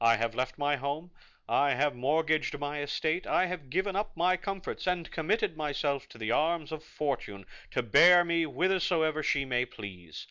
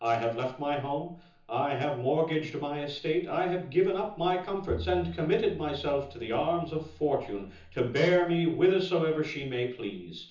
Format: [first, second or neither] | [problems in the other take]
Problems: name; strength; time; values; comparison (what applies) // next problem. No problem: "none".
first | background sound (Bowed string instrument); 15 dB below the speech // room echo; dies away in 0.6 s